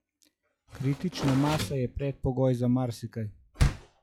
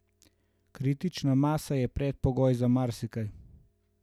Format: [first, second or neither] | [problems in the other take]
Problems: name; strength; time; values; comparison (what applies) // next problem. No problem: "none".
second | noise reduction (classical method log-MMSE)